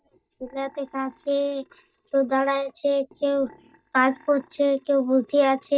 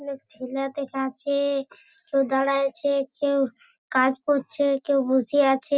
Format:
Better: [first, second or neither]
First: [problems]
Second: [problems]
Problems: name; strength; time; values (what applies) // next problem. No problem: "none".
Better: second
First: noise reduction (neural mask model DeepFilterNet 3)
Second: none